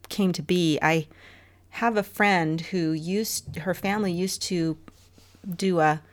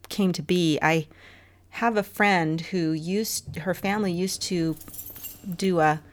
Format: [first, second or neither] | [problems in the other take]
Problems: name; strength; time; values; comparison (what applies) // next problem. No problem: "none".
first | jangling keys; faint; from 4.5 s on; peak 10 dB below the speech